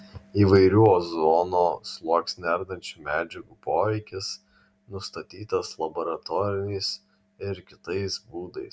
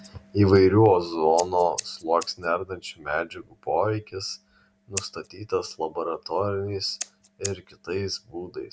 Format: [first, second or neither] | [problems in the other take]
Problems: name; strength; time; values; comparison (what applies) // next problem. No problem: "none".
first | background sound (Scissors); 18 dB below the speech